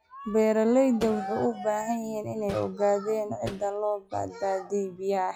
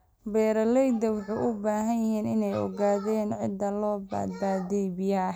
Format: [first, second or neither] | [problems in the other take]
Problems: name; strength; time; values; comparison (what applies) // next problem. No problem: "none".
second | noise reduction (classical method log-MMSE)